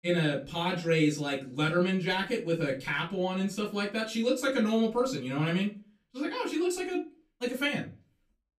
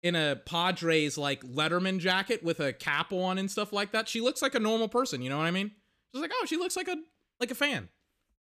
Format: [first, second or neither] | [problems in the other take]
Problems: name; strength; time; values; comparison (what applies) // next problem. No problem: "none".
second | off-mic speech; far // room echo; very slight; dies away in 0.3 s